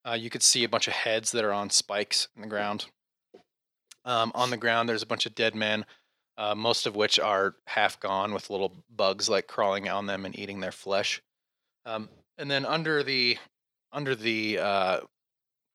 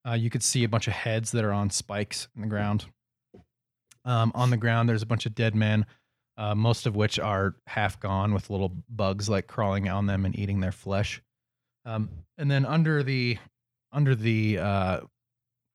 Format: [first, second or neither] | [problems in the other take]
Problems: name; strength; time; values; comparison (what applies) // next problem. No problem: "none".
second | thin; very; fading below 400 Hz